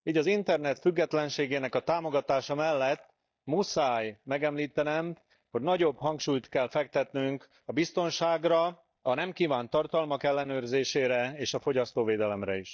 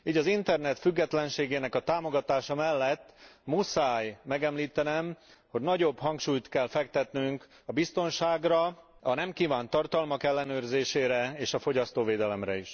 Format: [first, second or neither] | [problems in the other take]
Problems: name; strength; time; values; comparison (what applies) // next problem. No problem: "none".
second | noise reduction (neural mask model DeepFilterNet 3)